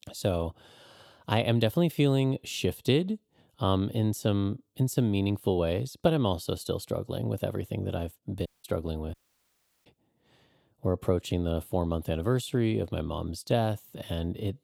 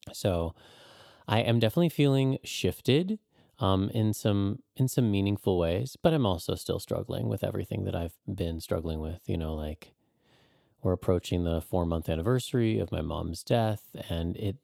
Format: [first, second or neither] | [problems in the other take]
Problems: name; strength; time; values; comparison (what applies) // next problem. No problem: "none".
second | audio cutting out; at 8.5 s and at 9 s for 0.5 s